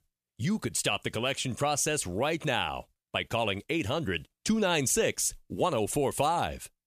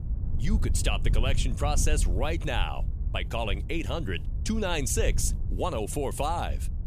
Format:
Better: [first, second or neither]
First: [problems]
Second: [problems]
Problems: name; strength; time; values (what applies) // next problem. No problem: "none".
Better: first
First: none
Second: wind noise on the microphone; occasional gusts; 15 dB below the speech